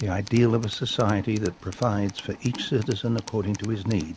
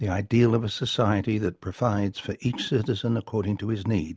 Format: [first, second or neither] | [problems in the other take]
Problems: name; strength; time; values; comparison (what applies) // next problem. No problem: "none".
second | background sound (Tools); 19 dB below the speech